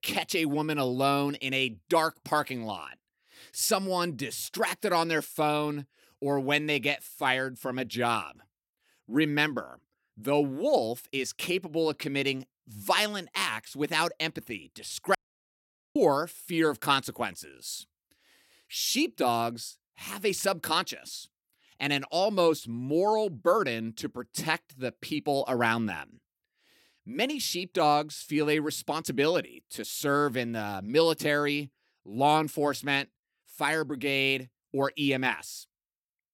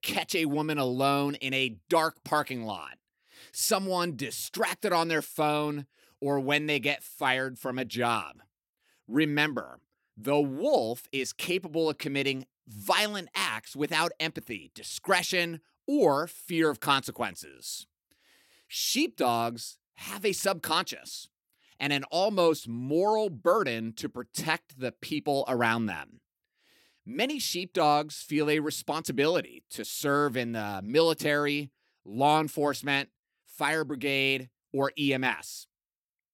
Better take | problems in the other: second | audio cutting out; at 15 s for 1 s

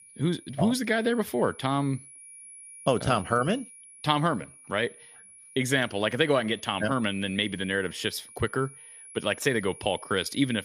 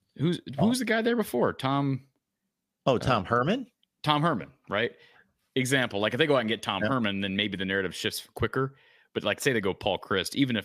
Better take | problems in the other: second | high-pitched whine; noticeable; throughout; 10.5 kHz, 20 dB below the speech

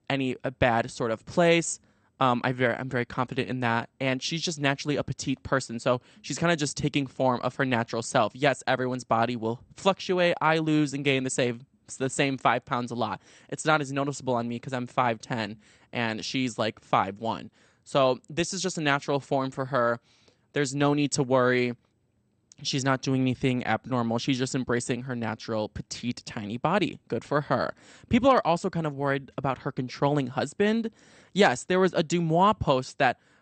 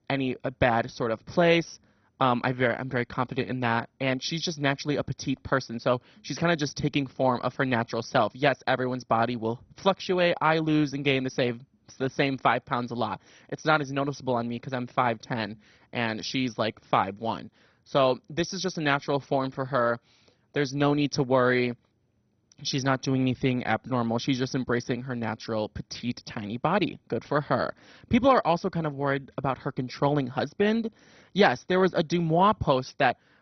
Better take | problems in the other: first | garbled, watery; badly; nothing above 6 kHz; slightly in the first

